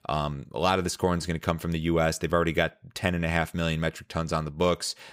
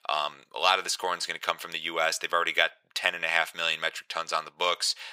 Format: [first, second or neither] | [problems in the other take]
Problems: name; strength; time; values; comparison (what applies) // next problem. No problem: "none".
first | thin; very; fading below 850 Hz